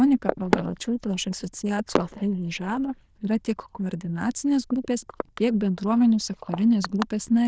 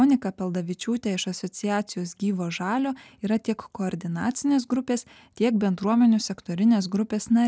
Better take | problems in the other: second | noise reduction (neural diffusion model UNIVERSE++)

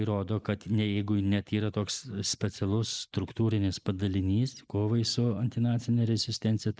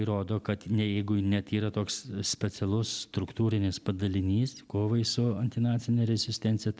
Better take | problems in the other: second | noise reduction (neural mask model Resemble Enhance denoiser)

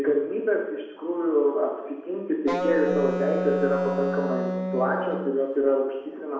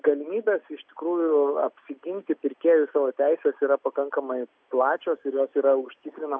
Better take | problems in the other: second | background sound (Wind instrument, woodwind instrument); 3 dB below the speech // room echo; dies away in 1 s

